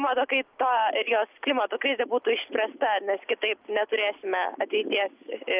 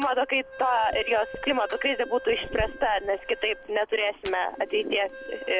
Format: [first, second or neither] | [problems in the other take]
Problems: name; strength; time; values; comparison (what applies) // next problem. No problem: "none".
first | background sound (Wind instrument, woodwind instrument + Fire); 14 dB below the speech